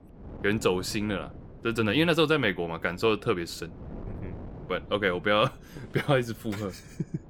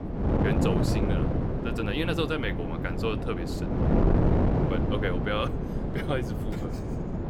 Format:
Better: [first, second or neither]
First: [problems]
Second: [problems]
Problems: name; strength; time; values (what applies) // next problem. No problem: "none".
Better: first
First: wind noise on the microphone; occasional gusts; 25 dB below the speech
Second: wind noise on the microphone; heavy; as loud as the speech